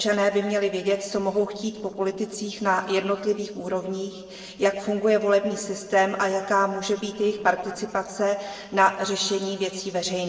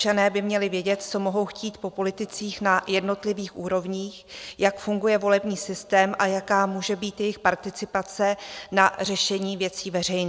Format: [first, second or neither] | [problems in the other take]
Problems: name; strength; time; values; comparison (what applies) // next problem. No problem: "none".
second | noise reduction (neural separator model SepFormer DNS4)